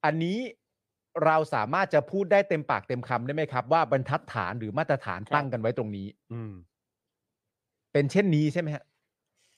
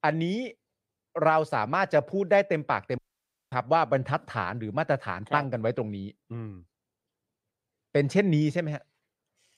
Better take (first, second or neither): first